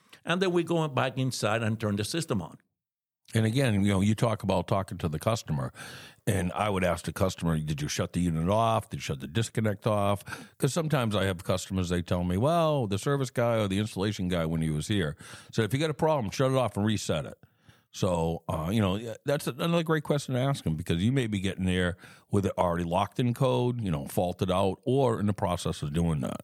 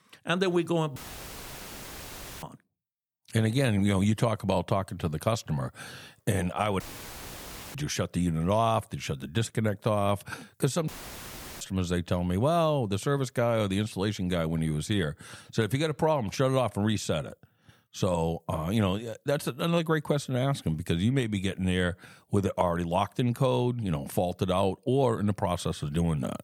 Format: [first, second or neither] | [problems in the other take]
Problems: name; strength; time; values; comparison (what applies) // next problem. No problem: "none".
first | audio cutting out; filled with static; at 1 s for 1.5 s, at 7 s for 1 s and at 11 s for 0.5 s